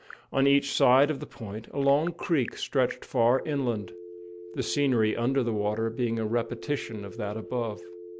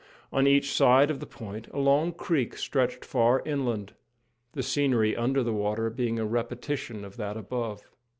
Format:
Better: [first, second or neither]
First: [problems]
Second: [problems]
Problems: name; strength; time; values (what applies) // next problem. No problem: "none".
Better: second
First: background sound (Telephone); 16 dB below the speech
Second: none